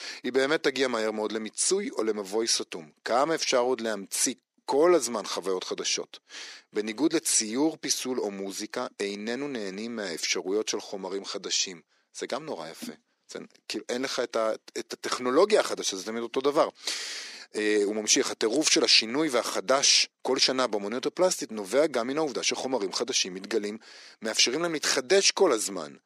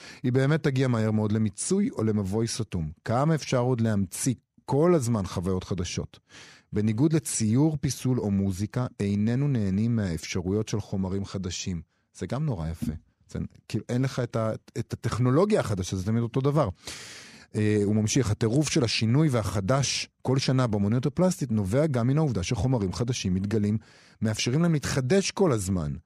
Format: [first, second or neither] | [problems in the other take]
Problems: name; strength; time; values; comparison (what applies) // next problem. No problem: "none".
second | thin; very; fading below 300 Hz